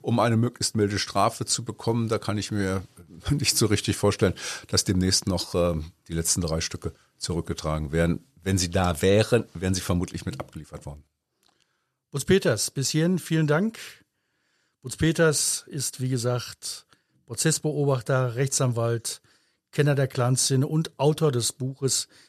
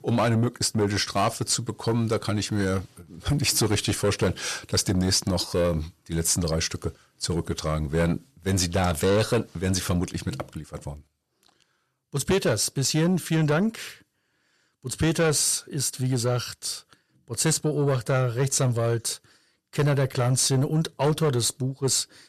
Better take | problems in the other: first | distortion; slight; 10 dB below the speech

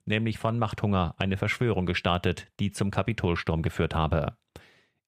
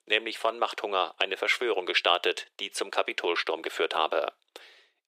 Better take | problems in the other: first | thin; very; fading below 350 Hz

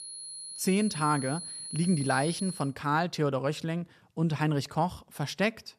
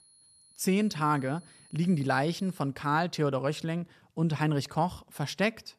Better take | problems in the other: second | high-pitched whine; loud; until 2.5 s; 10.5 kHz, 8 dB below the speech; faint in the second

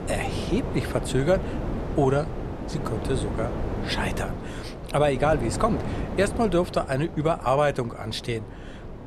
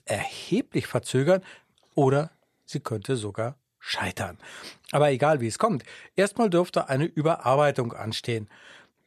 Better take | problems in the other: second | wind noise on the microphone; heavy; 10 dB below the speech

